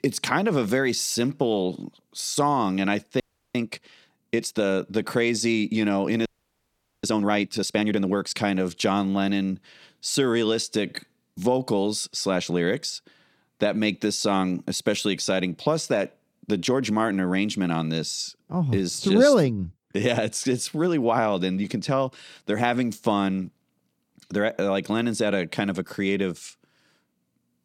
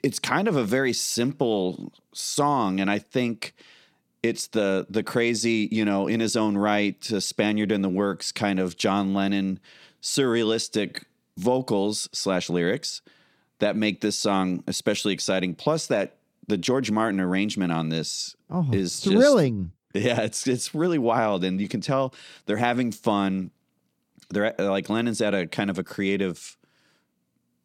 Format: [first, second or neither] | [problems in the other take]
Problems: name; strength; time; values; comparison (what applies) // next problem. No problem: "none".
second | audio freezing; at 3 s and at 6.5 s for 1 s